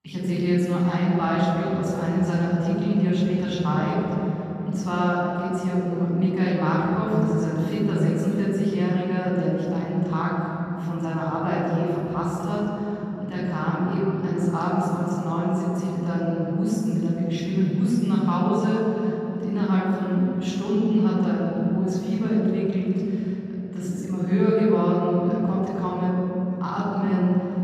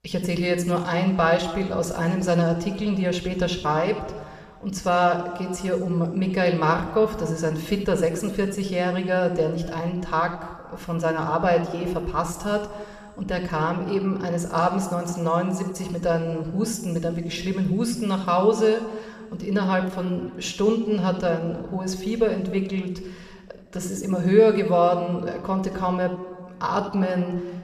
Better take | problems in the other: second | room echo; strong; dies away in 3 s; slight in the second // off-mic speech; far

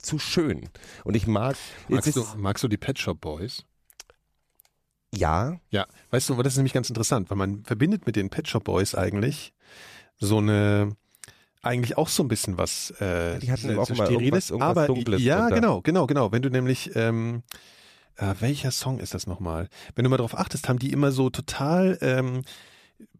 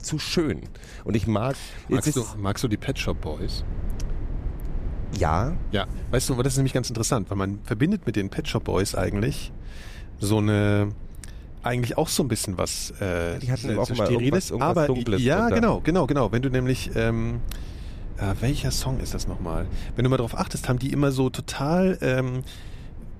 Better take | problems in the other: first | low rumble; faint; throughout; 20 dB below the speech

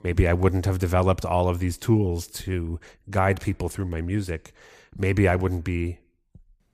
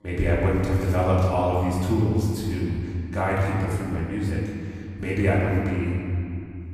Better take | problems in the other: first | off-mic speech; far // room echo; noticeable; dies away in 2.5 s

